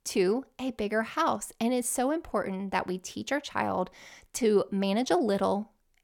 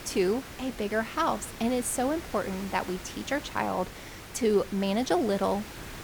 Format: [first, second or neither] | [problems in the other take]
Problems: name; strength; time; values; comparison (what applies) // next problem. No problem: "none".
first | hiss; noticeable; throughout; 15 dB below the speech